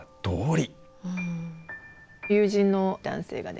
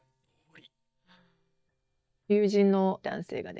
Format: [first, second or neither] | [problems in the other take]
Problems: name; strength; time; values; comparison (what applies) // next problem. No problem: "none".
first | noise reduction (neural mask model DeepFilterNet 3)